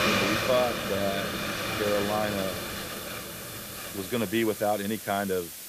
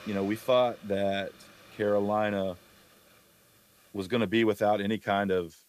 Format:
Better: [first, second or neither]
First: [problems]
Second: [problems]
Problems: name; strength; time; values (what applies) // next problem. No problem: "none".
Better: second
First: hiss; loud; throughout; 2 dB below the speech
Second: hiss; faint; throughout; 25 dB below the speech